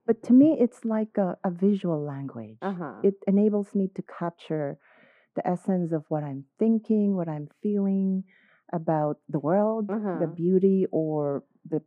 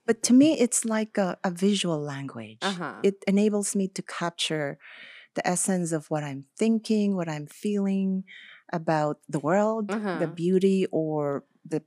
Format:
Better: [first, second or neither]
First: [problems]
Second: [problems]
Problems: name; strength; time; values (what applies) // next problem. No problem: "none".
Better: second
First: muffled; very; fading above 2 kHz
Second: none